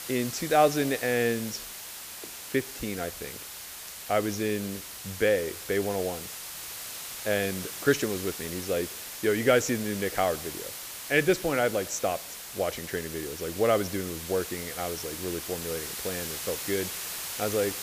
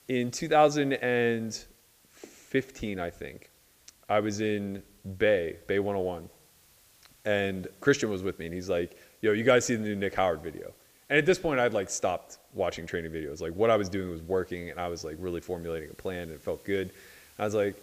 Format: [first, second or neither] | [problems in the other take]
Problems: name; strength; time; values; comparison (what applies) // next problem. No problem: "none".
second | hiss; loud; throughout; 7 dB below the speech; faint in the second